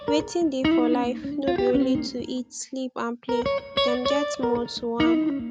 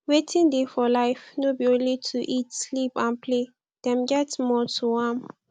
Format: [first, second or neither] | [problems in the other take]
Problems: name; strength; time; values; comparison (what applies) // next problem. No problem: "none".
second | background sound (Guitar); 2 dB above the speech